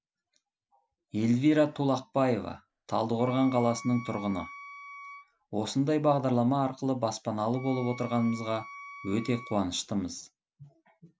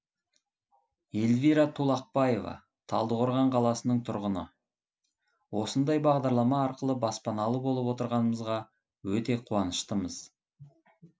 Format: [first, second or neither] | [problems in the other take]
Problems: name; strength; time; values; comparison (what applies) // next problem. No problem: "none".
second | background sound (Wind instrument, woodwind instrument); 16 dB below the speech